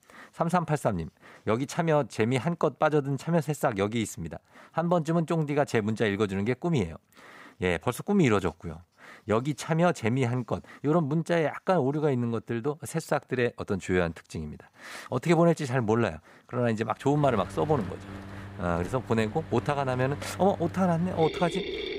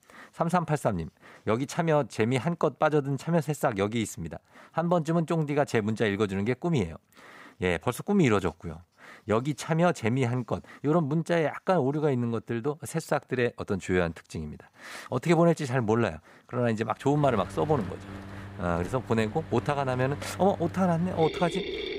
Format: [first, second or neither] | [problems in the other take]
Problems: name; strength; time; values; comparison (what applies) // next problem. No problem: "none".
neither | machinery noise; noticeable; from 17 s on; 10 dB below the speech; the same in both